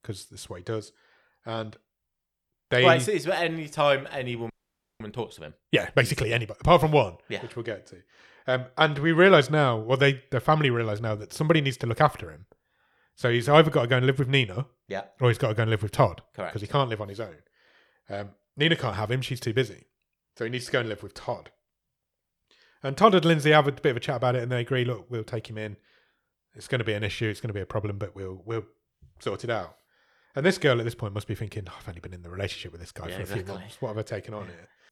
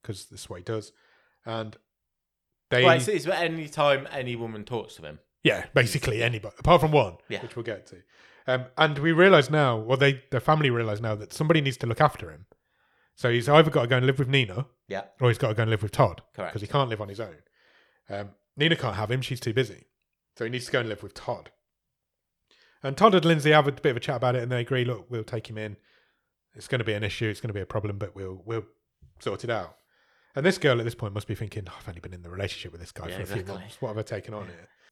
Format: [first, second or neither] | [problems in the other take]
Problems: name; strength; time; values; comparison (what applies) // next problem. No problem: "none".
second | audio freezing; at 4.5 s for 0.5 s